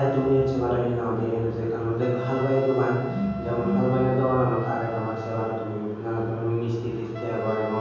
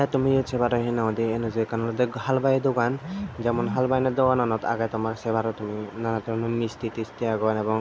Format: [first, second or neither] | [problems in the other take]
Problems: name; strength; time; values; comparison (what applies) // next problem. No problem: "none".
second | background sound (Wind instrument, woodwind instrument); 15 dB below the speech // room echo; dies away in 1.3 s